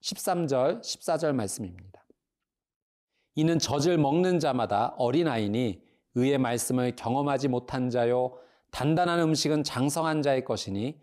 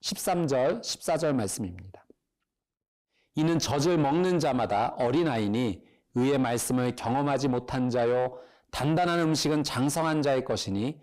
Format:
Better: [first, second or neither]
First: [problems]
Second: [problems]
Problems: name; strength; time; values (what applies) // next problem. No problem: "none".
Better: first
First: none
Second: distortion; slight; 10 dB below the speech